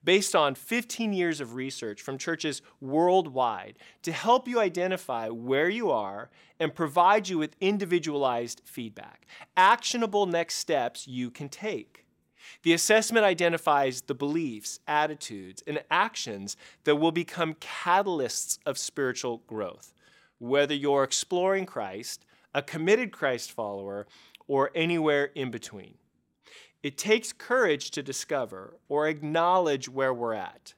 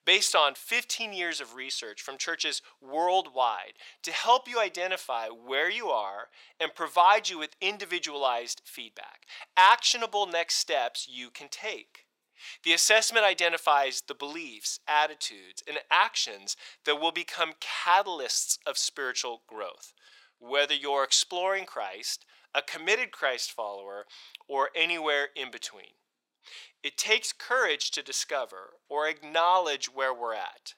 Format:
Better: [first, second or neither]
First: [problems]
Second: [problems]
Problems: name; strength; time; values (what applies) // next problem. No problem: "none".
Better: first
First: none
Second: thin; very; fading below 750 Hz